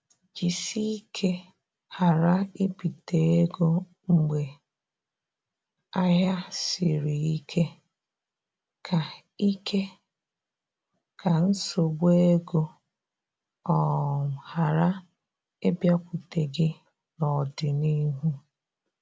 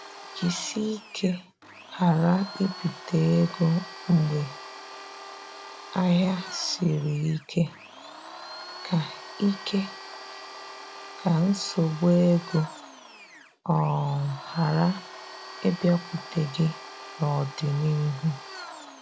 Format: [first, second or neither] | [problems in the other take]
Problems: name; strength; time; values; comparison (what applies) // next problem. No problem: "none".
first | background sound (Domestic sounds, home sounds); 15 dB below the speech